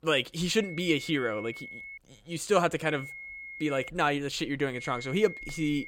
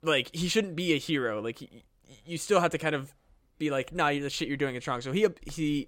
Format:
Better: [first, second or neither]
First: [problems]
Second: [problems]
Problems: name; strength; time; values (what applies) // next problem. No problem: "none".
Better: second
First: high-pitched whine; noticeable; from 0.5 to 2 s, from 3 to 4 s and from 4.5 s on; 2 kHz, 10 dB below the speech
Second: none